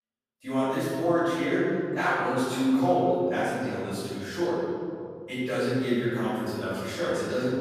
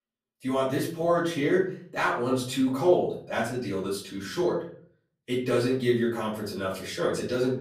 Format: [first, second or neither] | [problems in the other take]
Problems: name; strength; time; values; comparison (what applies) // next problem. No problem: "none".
second | room echo; strong; dies away in 2.2 s; slight in the second // off-mic speech; far; far in the second